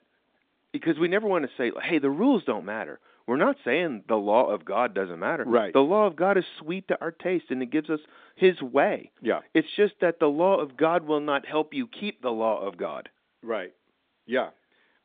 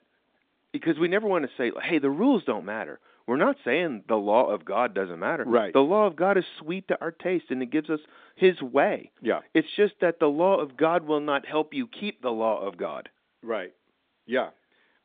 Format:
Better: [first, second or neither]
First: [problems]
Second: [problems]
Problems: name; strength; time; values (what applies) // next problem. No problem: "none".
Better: neither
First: phone-call audio; nothing above 3.5 kHz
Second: phone-call audio; nothing above 3.5 kHz